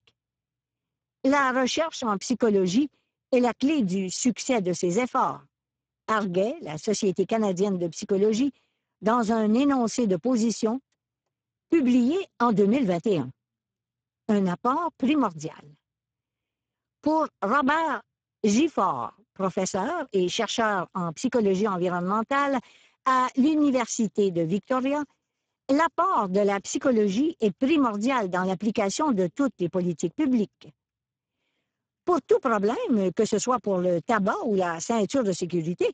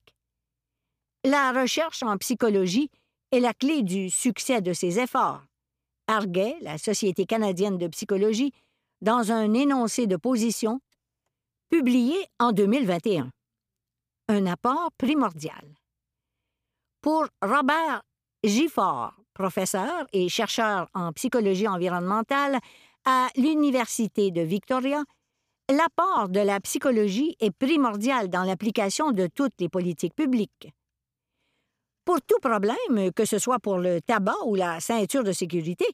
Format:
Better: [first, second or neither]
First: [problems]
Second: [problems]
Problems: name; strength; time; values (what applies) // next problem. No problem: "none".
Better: second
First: garbled, watery; badly; nothing above 7.5 kHz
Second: none